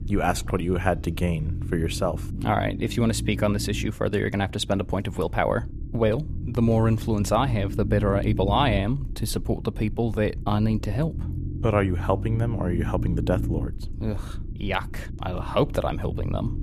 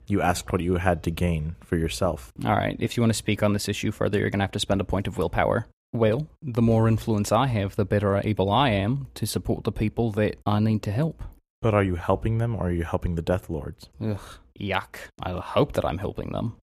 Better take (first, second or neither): second